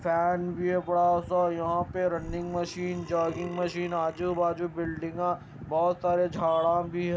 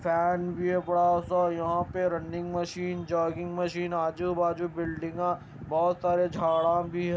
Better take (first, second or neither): second